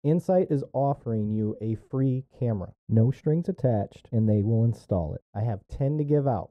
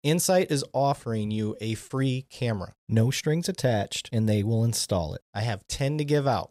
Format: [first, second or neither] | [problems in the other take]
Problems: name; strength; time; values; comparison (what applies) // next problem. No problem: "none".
second | muffled; very; fading above 1.5 kHz